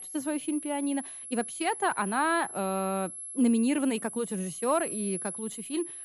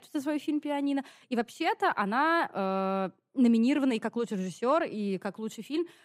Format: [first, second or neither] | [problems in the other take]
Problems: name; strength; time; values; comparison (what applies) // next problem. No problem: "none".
second | high-pitched whine; loud; throughout; 11 kHz, 8 dB below the speech